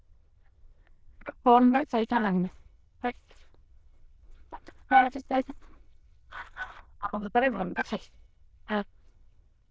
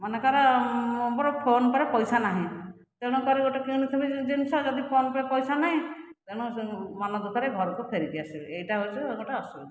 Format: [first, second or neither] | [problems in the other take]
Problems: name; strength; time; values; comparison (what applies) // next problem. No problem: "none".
second | noise reduction (neural diffusion model UNIVERSE++)